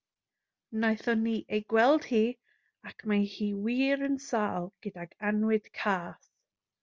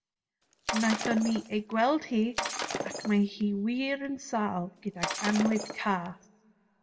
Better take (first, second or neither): first